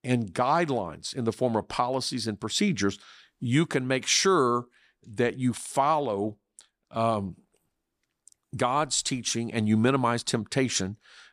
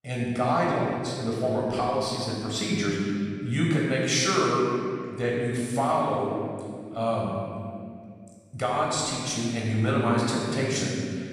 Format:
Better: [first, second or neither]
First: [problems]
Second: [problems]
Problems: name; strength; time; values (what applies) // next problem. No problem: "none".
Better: first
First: none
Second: off-mic speech; far // room echo; strong; dies away in 2.1 s